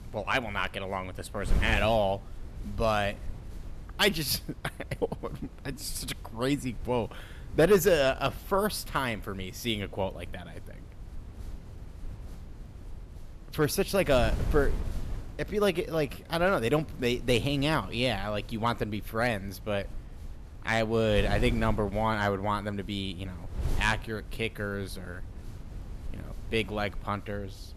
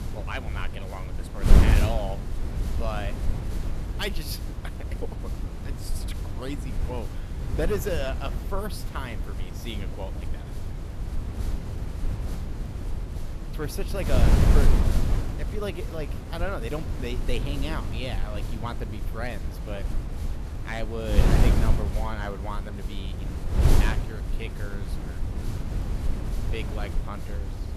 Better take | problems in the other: first | wind noise on the microphone; heavy; 3 dB below the speech; occasional gusts in the first

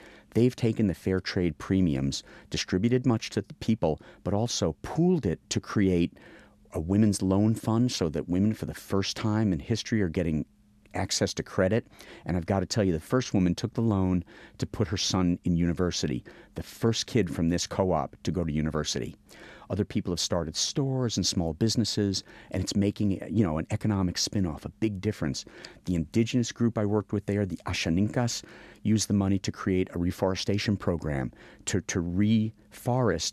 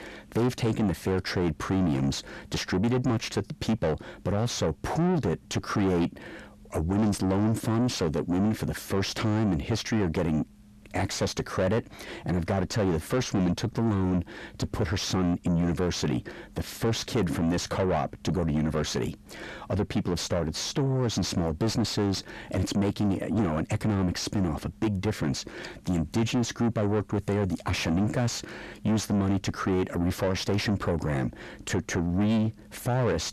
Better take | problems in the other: first | distortion; heavy; 7 dB below the speech

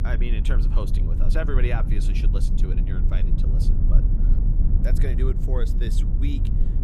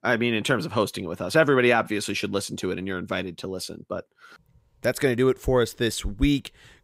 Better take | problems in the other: second | low rumble; loud; throughout; 4 dB below the speech

